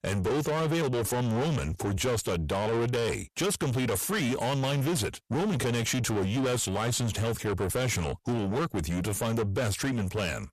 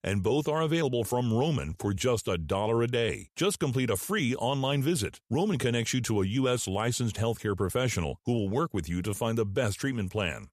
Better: second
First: distortion; heavy; 7 dB below the speech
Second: none

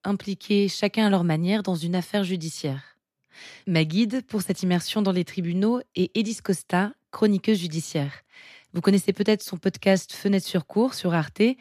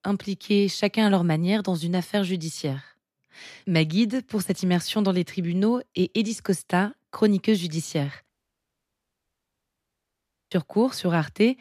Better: first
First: none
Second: audio cutting out; at 8.5 s for 2 s

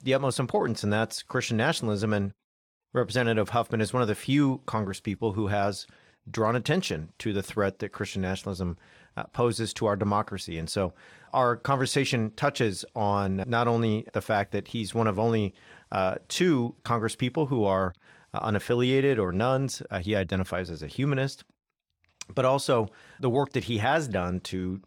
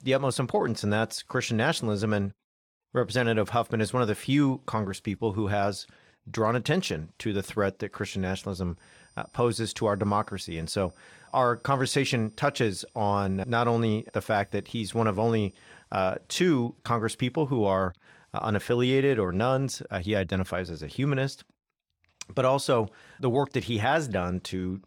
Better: first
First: none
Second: high-pitched whine; faint; from 9 to 16 s; 8.5 kHz, 35 dB below the speech

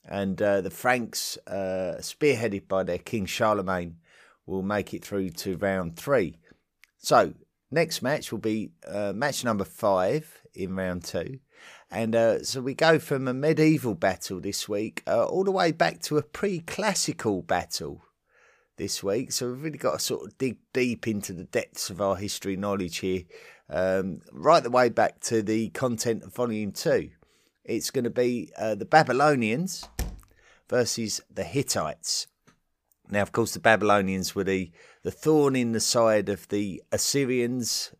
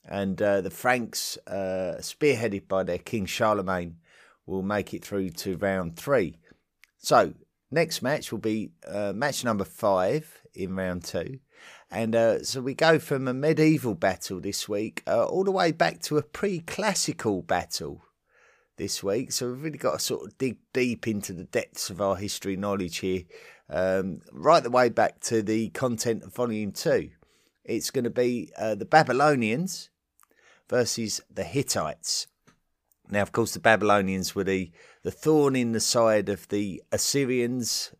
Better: second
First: door banging; faint; at 30 s; peak 10 dB below the speech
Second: none

